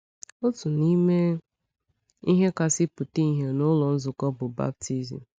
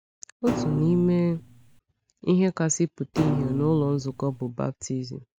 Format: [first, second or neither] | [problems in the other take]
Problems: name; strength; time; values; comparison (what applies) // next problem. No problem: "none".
first | background sound (Thump, thud); 6 dB below the speech